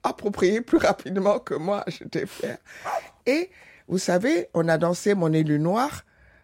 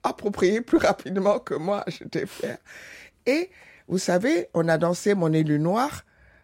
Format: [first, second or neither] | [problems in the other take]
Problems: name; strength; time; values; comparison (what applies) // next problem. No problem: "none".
second | dog barking; noticeable; at 3 s; peak 8 dB below the speech